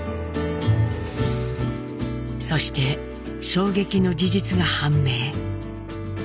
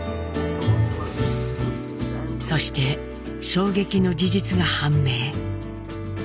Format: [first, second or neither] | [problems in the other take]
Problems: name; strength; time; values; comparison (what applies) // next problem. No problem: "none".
first | background sound (Sliding door / Train); 19 dB below the speech